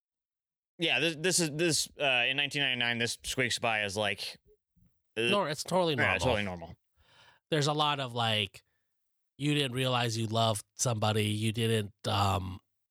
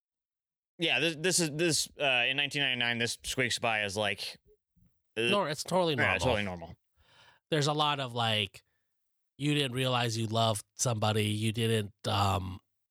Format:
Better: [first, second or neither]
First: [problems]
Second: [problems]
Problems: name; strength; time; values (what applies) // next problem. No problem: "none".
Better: neither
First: none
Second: none